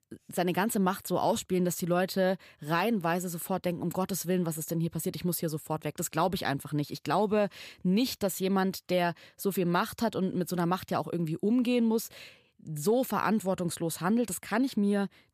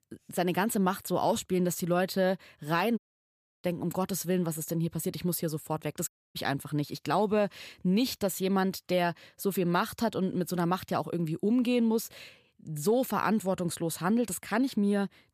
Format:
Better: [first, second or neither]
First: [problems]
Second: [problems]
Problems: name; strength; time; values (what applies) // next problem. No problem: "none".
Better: first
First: none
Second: audio cutting out; at 3 s for 0.5 s and at 6 s